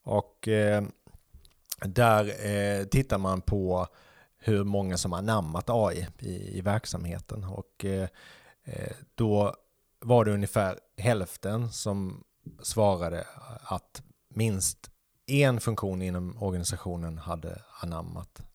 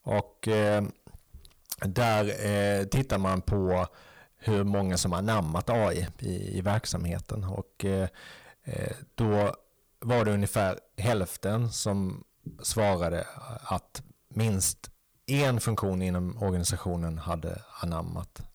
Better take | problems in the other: first | distortion; heavy; 8 dB below the speech

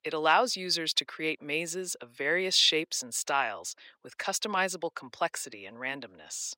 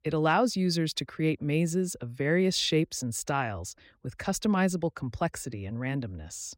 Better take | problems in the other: second | thin; very; fading below 500 Hz

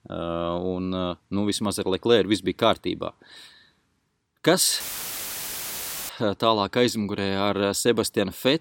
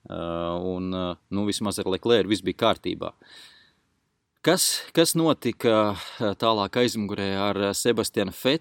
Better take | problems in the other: second | audio cutting out; filled with static; at 5 s for 1.5 s

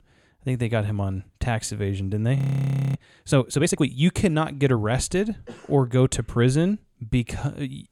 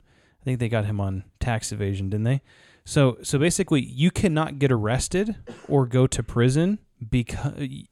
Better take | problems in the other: second | audio freezing; at 2.5 s for 0.5 s

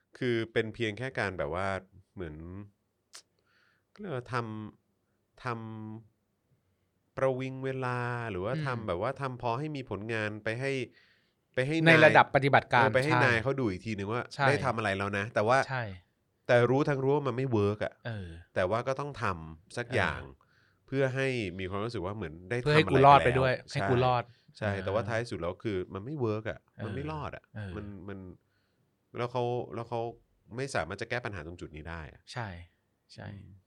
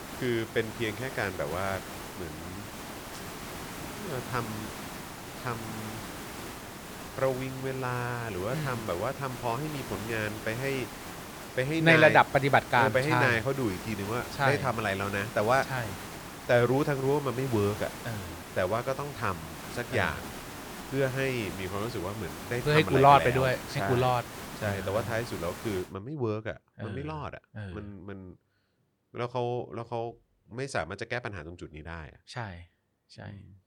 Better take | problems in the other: first | hiss; noticeable; until 26 s; 10 dB below the speech

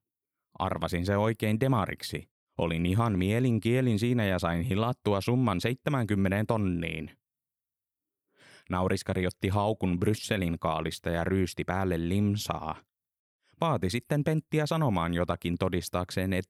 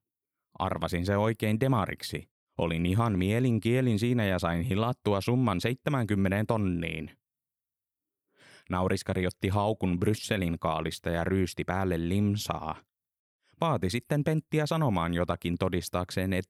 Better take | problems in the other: neither | none

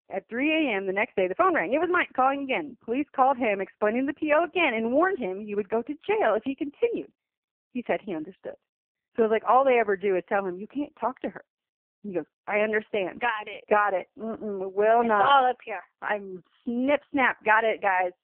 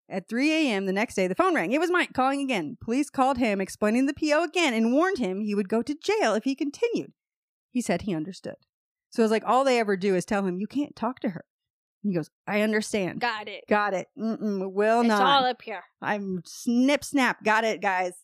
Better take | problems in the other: second | phone-call audio; poor line; nothing above 3 kHz

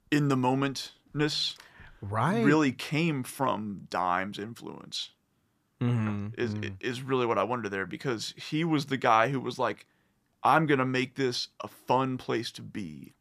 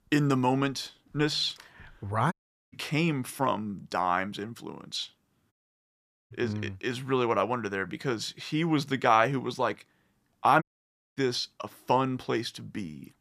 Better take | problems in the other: first | audio cutting out; at 2.5 s, at 5.5 s for 1 s and at 11 s for 0.5 s

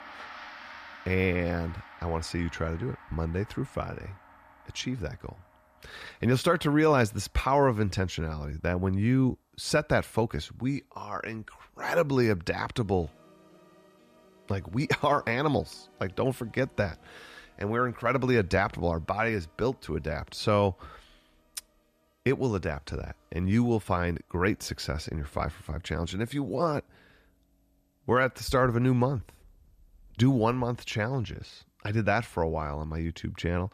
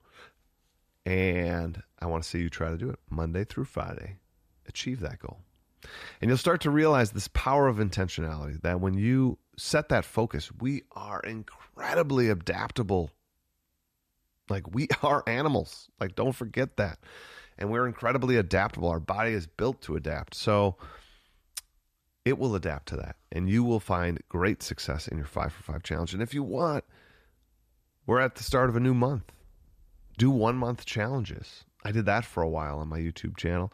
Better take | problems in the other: second | background music; faint; throughout; 25 dB below the speech

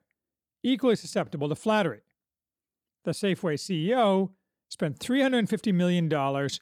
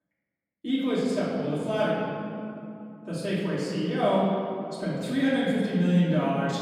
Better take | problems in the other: first | off-mic speech; far // room echo; strong; dies away in 2.4 s

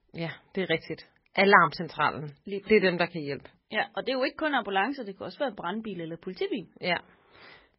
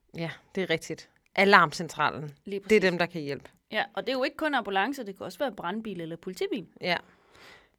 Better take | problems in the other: second | garbled, watery; badly; nothing above 5.5 kHz

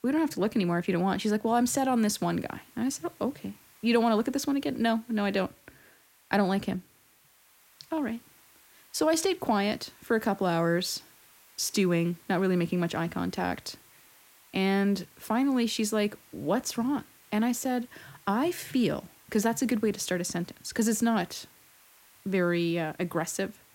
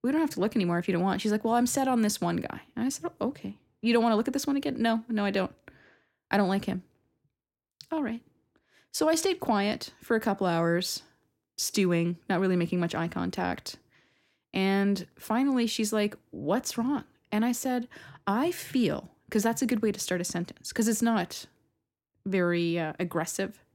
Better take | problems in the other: second | hiss; faint; throughout; 25 dB below the speech

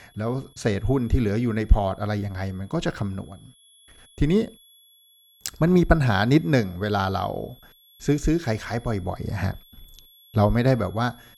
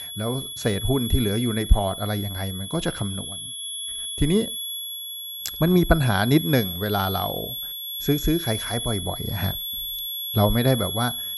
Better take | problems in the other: first | high-pitched whine; loud; throughout; 3.5 kHz, 5 dB below the speech; faint in the first

